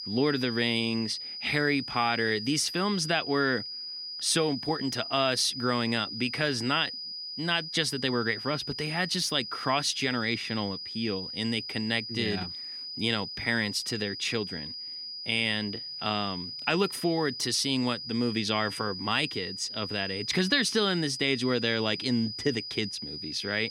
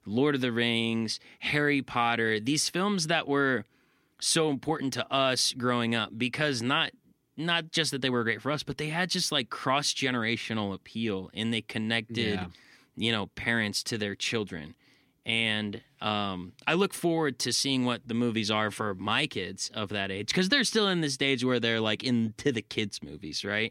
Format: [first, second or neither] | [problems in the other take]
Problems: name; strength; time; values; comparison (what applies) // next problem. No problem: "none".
second | high-pitched whine; loud; throughout; 5 kHz, 7 dB below the speech